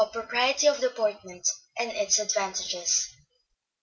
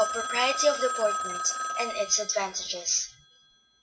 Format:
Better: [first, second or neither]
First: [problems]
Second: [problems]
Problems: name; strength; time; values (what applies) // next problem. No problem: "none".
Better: first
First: none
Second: background sound (Telephone); 5 dB below the speech